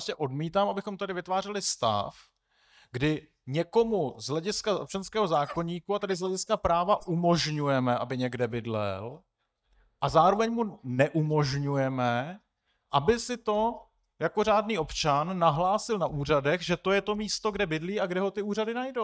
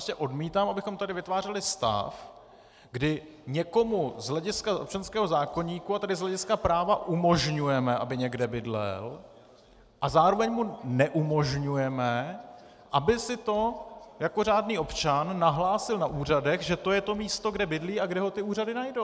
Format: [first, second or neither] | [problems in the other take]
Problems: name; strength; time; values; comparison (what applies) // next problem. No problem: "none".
second | noise reduction (neural mask model DeepFilterNet 3)